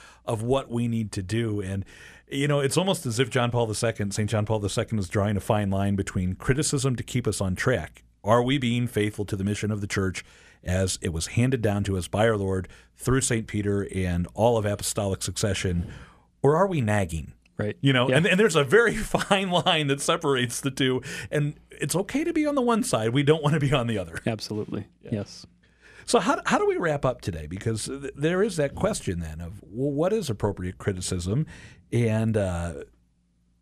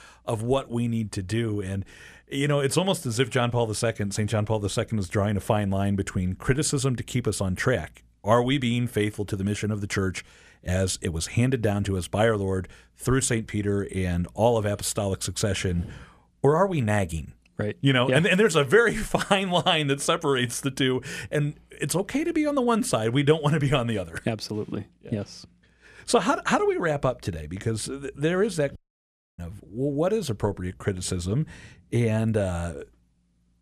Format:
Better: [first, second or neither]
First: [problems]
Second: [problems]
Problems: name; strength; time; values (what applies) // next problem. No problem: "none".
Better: first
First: none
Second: audio cutting out; at 29 s for 0.5 s